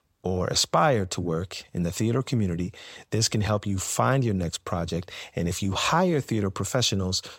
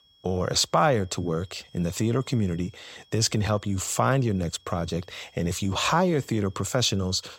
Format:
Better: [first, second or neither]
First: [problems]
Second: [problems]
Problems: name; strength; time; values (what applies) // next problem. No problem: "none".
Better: first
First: none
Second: high-pitched whine; faint; throughout; 3.5 kHz, 30 dB below the speech